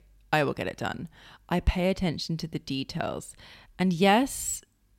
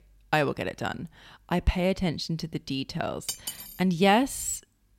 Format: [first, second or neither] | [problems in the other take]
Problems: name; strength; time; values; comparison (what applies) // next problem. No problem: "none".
first | clattering dishes; noticeable; at 3.5 s; peak 6 dB below the speech